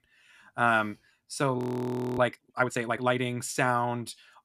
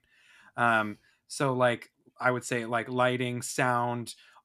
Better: second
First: audio freezing; at 1.5 s for 0.5 s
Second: none

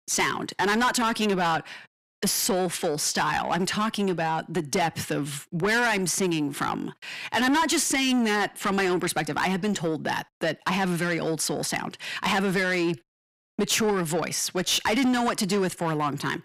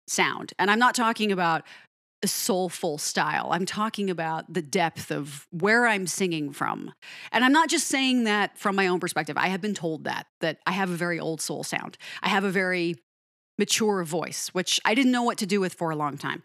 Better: second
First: distortion; heavy; 7 dB below the speech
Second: none

